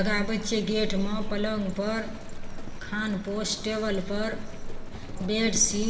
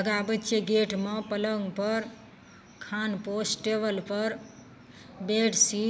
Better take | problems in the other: second | background sound (Livestock, farm animals, working animals); 3 dB below the speech // room echo; dies away in 2 s

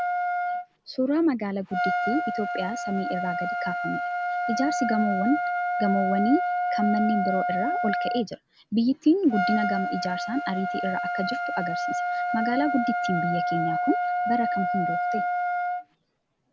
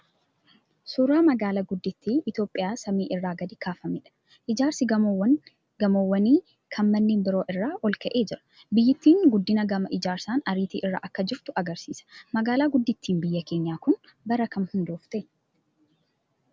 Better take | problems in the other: second | background sound (Trumpet); as loud as the speech

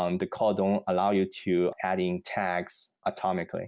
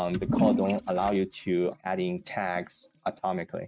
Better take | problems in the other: first | noise reduction (neural mask model RNNoise)

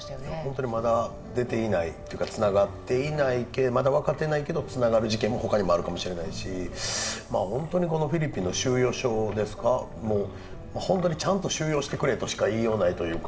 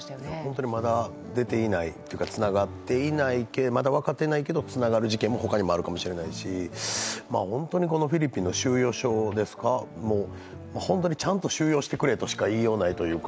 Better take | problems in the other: second | background sound (Wind); 16 dB below the speech // room echo; dies away in 2.1 s

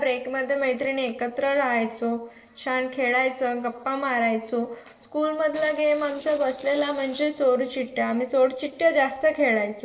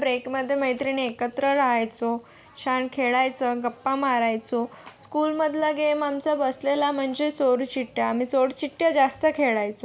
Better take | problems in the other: second | noise reduction (neural separator model SepFormer DNS4)

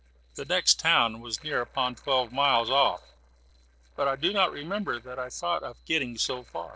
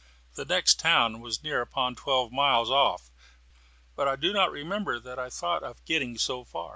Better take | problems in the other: second | noise reduction (neural separator model SepFormer DNS4)

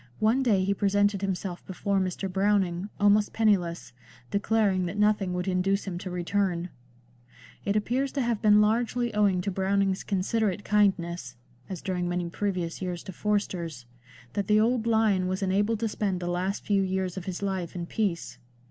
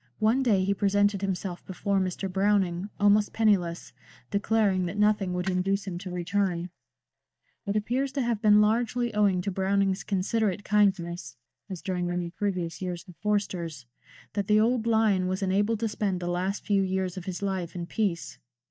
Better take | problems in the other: first | noise reduction (neural mask model DeepFilterNet 3)

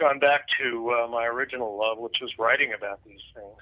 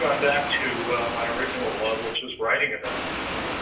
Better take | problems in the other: first | background sound (Water); 4 dB below the speech // room echo; dies away in 0.4 s

